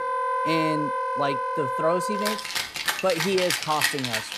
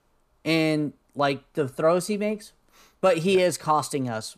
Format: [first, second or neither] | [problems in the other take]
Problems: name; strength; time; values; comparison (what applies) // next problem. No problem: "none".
second | background music; very loud; throughout; 1 dB above the speech